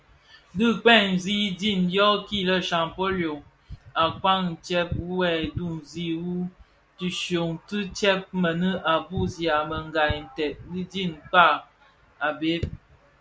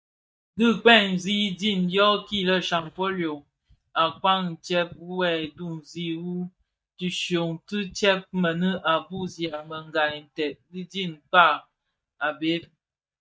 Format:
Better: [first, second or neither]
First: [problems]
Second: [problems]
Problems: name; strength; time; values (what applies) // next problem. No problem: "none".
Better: first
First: none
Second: noise reduction (neural mask model DeepFilterNet 3)